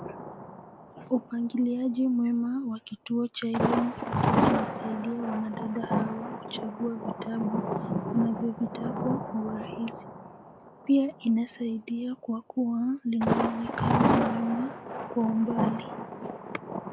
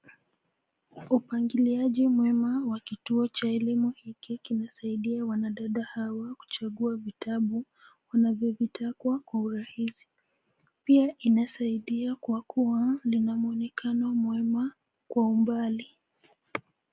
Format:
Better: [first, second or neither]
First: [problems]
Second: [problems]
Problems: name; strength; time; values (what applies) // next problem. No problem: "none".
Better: second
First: background sound (Thunder); 1 dB below the speech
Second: none